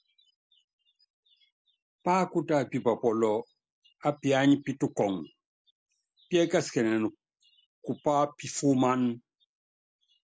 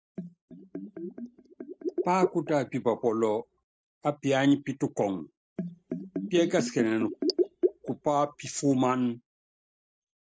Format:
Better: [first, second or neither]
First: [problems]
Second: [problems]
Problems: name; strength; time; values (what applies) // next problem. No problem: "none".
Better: first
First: none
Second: noise reduction (neural mask model DeepFilterNet 3)